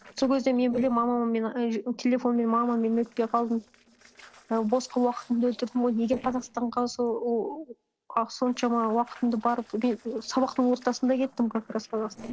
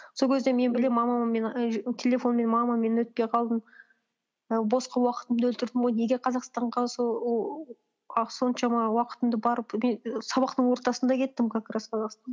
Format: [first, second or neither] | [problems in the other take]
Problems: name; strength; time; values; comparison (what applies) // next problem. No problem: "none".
second | noise reduction (neural separator model SepFormer DNS4)